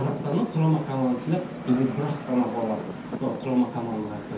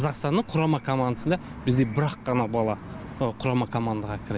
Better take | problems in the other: second | background sound (Rain); 12 dB below the speech // room echo; dies away in 0.5 s

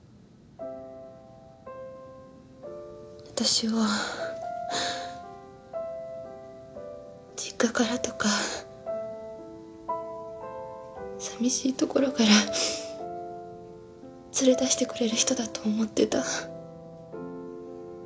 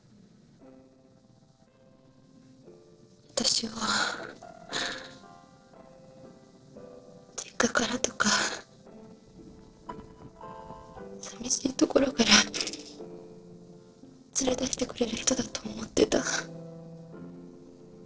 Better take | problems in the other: first | noise reduction (neural separator model SepFormer DNS4)

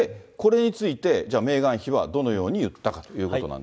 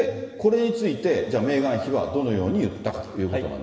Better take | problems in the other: first | room echo; dies away in 2.8 s

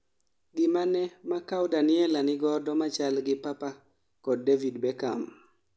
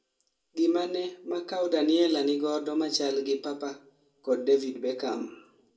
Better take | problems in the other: first | room echo; dies away in 0.2 s

